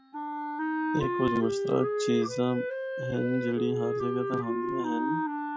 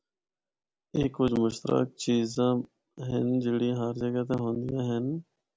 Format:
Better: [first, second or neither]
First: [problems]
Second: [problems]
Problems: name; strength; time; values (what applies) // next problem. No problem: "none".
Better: second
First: noise reduction (classical method log-MMSE)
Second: none